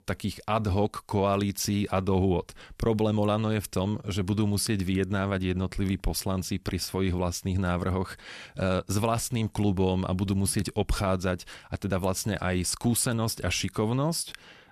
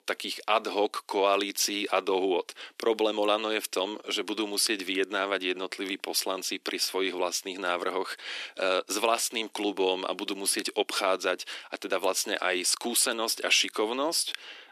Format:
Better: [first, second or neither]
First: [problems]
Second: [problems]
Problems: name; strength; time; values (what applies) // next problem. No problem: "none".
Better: first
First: none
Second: thin; very; fading below 300 Hz